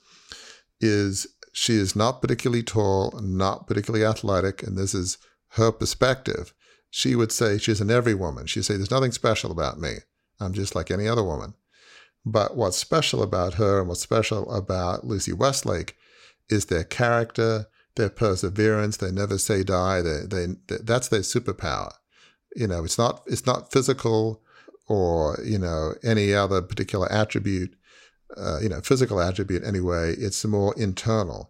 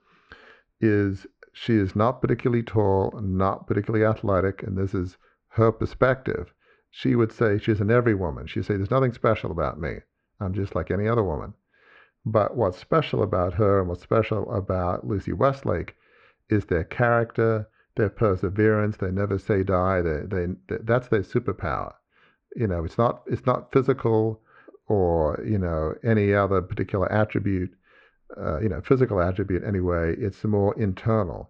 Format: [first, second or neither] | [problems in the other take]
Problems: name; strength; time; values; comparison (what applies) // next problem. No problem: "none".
first | muffled; very; fading above 2 kHz